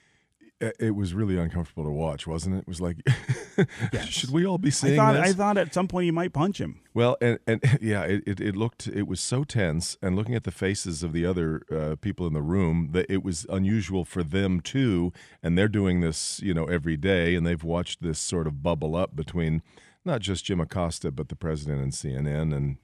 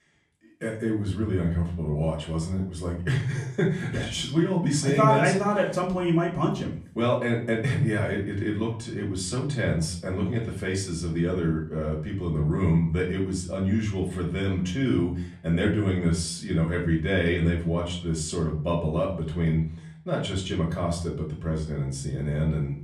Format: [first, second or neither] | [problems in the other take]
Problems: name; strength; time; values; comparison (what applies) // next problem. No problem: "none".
first | room echo; slight; dies away in 0.4 s // off-mic speech; far